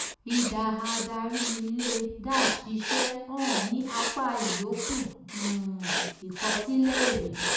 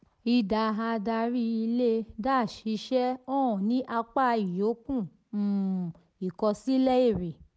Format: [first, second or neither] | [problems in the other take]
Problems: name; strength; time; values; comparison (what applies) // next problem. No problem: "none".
second | background sound (Writing); 2 dB below the speech // room echo; dies away in 0.7 s